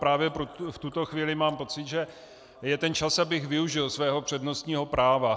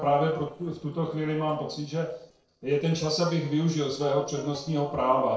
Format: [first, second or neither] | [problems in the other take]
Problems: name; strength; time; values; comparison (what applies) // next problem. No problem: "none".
first | noise reduction (neural separator model SepFormer DNS4)